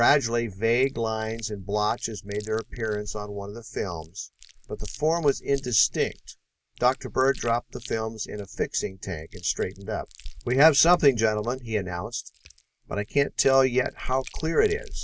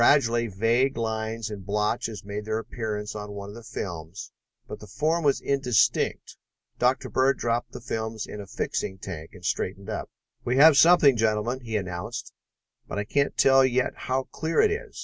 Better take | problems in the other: second | background sound (Chewing, mastication); 13 dB below the speech

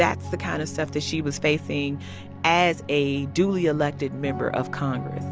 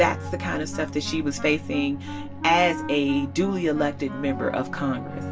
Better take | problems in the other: first | background sound (Wind instrument, woodwind instrument); 13 dB below the speech // room echo; dies away in 0.1 s

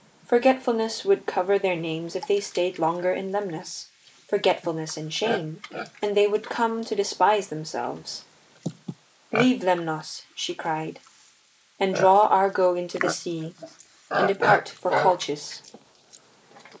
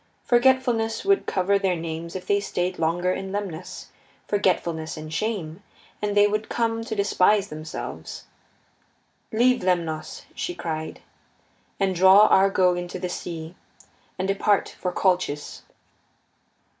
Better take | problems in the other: second | noise reduction (neural mask model Resemble Enhance denoiser)

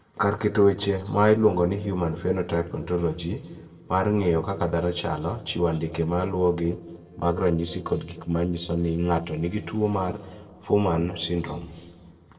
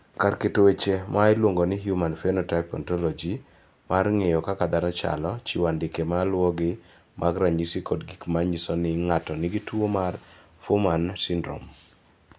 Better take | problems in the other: second | noise reduction (neural separator model SepFormer DNS4)

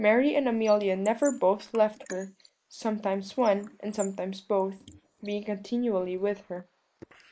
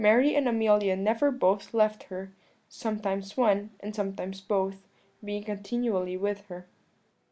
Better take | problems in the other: second | noise reduction (neural mask model Resemble Enhance denoiser)

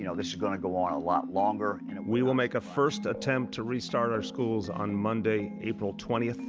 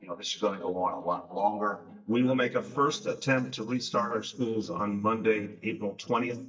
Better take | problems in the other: first | noise reduction (neural mask model DeepFilterNet 3)

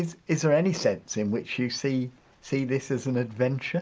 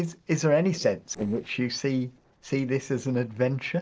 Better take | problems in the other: first | noise reduction (neural separator model SepFormer DNS4)

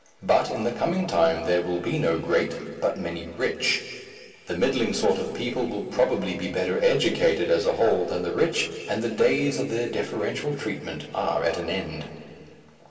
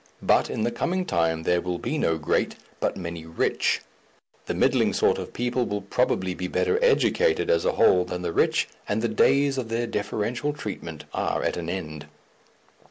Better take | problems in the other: second | room echo; dies away in 2.7 s

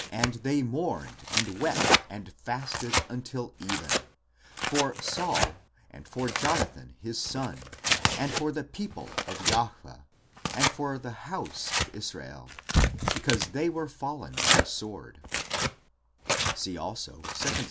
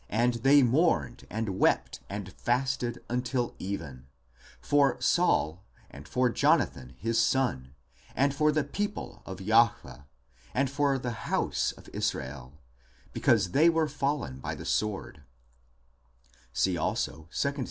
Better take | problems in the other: second | background sound (Tearing); 2 dB above the speech

